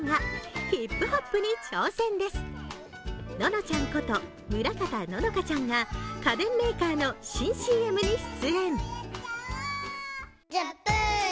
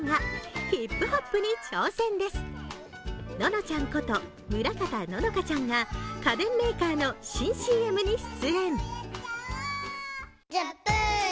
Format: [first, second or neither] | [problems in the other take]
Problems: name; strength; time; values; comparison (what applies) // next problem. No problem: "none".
second | background sound (Acoustic guitar); 15 dB below the speech